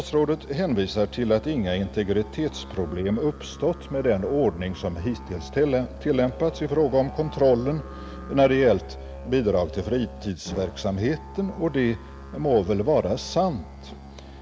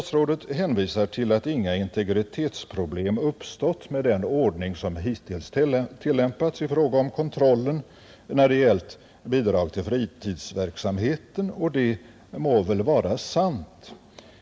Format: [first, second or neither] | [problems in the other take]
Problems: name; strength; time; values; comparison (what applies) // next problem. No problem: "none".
second | background sound (Musical instrument); 14 dB below the speech